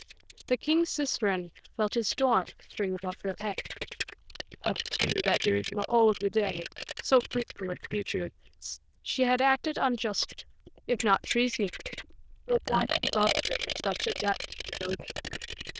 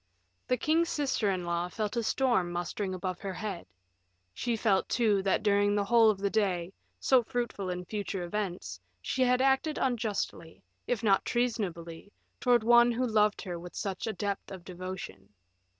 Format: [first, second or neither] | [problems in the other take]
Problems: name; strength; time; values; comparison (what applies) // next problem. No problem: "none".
second | noise reduction (neural diffusion model UNIVERSE++)